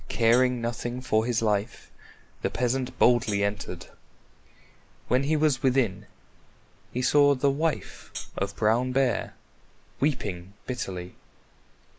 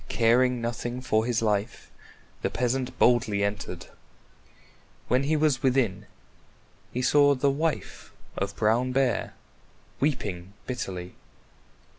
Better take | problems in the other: second | noise reduction (neural mask model Resemble Enhance denoiser)

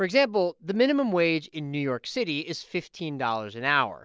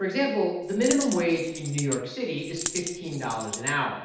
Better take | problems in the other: first | background sound (Coin (dropping)); 8 dB below the speech // room echo; dies away in 0.8 s

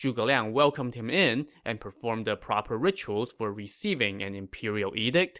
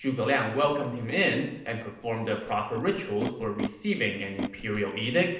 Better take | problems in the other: first | background sound (Animal); 12 dB below the speech // room echo; dies away in 0.8 s

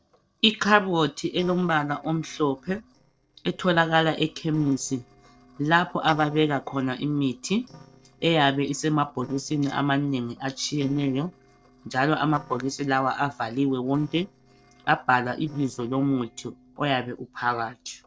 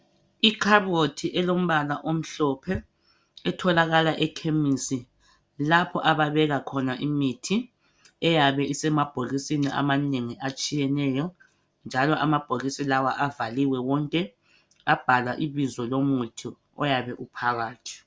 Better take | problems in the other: second | noise reduction (neural separator model SepFormer DNS4)

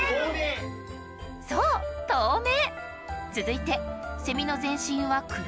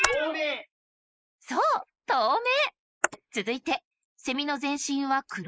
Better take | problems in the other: first | noise reduction (neural mask model Resemble Enhance denoiser)

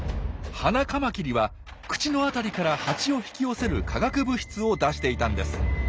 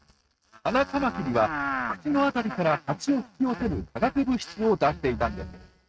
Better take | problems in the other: first | noise reduction (neural mask model RNNoise)

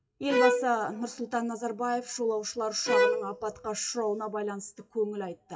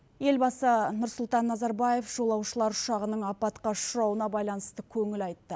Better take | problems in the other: second | noise reduction (classical method WPE with log-MMSE)

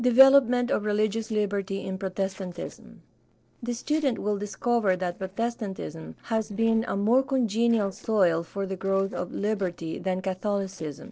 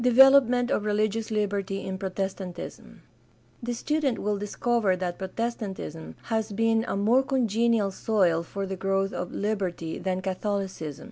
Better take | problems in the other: second | noise reduction (neural separator model SepFormer DNS4)

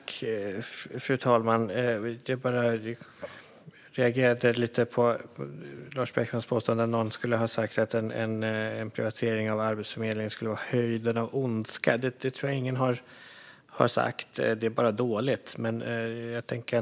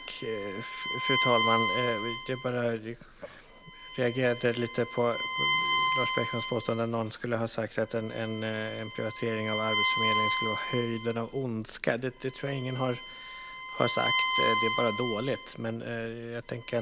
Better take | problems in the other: first | background sound (Bowed string instrument); 1 dB below the speech

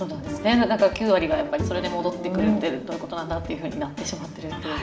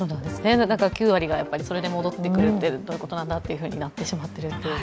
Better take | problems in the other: second | background sound (Bowed string instrument); 13 dB below the speech // room echo; dies away in 1.1 s

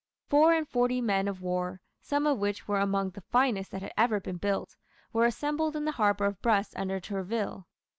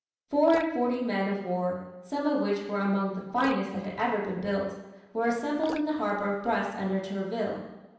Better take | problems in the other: first | background sound (Drip); 19 dB below the speech // room echo; dies away in 0.9 s

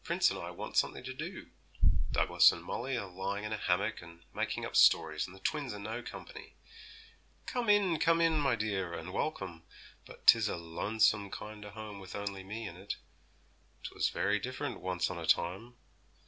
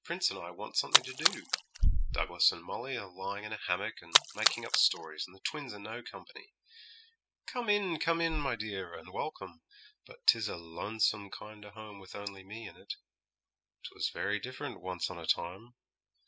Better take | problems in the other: first | noise reduction (classical method spectral subtraction)

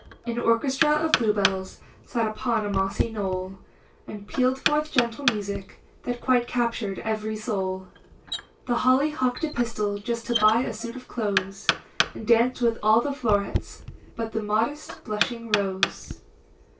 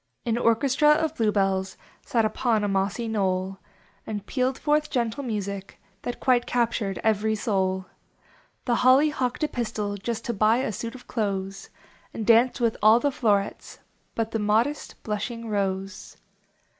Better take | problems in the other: second | background sound (Knock); 7 dB below the speech // room echo; dies away in 0.1 s

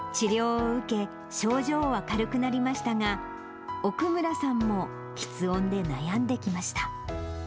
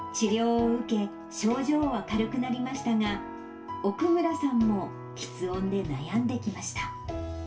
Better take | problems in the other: first | room echo; dies away in 0.2 s

